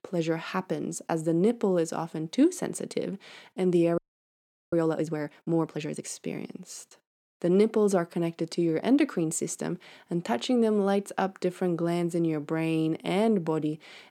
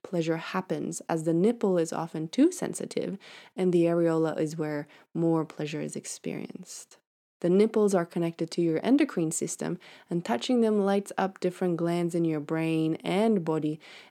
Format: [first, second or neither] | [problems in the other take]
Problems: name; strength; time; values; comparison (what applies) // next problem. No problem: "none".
second | audio freezing; at 4 s for 0.5 s